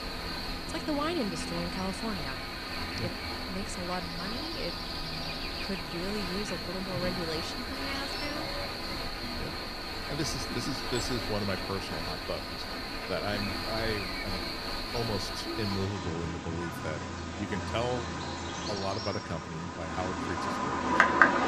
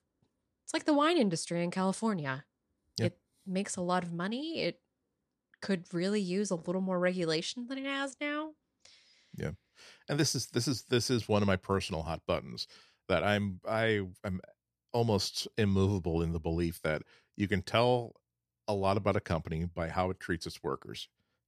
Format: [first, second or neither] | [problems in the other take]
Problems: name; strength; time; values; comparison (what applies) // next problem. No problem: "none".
second | animal sounds; very loud; throughout; 3 dB above the speech